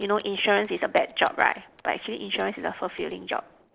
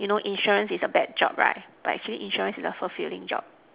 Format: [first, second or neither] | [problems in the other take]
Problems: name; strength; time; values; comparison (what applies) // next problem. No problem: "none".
second | noise reduction (neural separator model SepFormer DNS4)